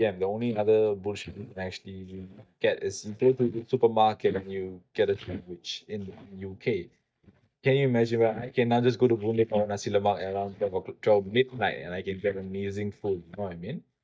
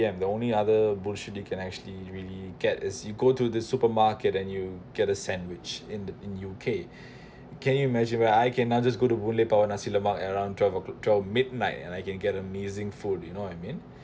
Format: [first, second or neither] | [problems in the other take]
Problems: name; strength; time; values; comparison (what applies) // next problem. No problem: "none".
second | noise reduction (neural mask model DeepFilterNet 3)